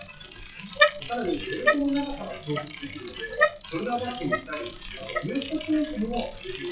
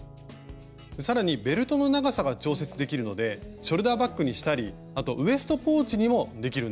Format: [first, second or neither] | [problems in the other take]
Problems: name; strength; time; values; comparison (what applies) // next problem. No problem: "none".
second | noise reduction (classical method WPE with log-MMSE)